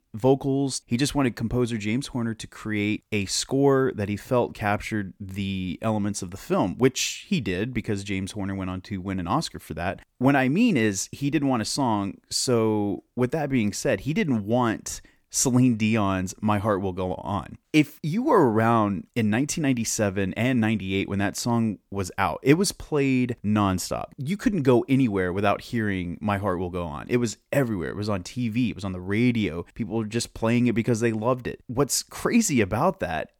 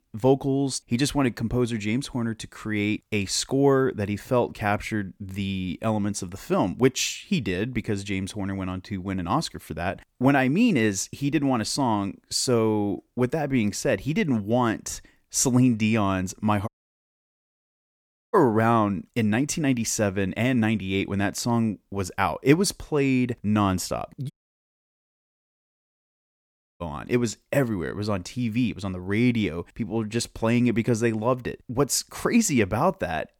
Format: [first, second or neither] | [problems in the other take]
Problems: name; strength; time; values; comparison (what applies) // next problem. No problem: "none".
first | audio cutting out; at 17 s for 1.5 s and at 24 s for 2.5 s